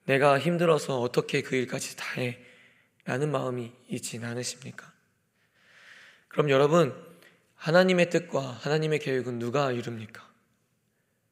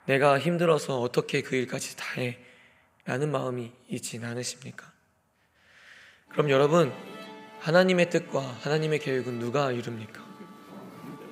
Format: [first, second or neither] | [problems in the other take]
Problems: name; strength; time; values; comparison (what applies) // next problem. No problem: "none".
first | background music; noticeable; throughout; 20 dB below the speech